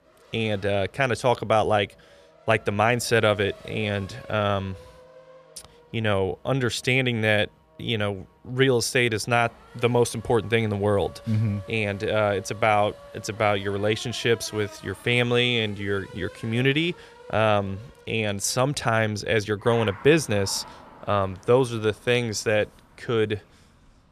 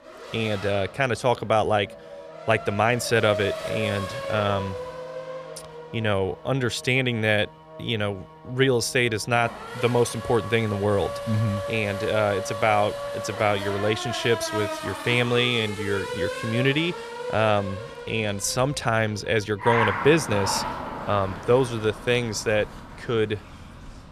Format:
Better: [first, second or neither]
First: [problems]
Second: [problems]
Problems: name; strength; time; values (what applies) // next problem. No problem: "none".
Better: first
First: traffic noise; faint; throughout; 25 dB below the speech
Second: traffic noise; loud; throughout; 8 dB below the speech